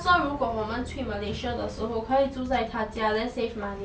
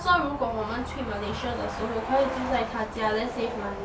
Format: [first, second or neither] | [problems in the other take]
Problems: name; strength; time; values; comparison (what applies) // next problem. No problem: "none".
first | background sound (Truck); 8 dB below the speech